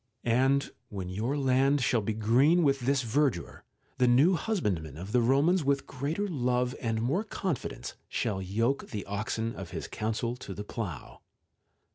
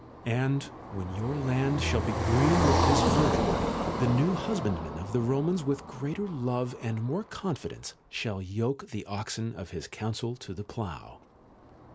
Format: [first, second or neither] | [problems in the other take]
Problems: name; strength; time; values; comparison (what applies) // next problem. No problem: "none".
first | background sound (Car passing by); 2 dB below the speech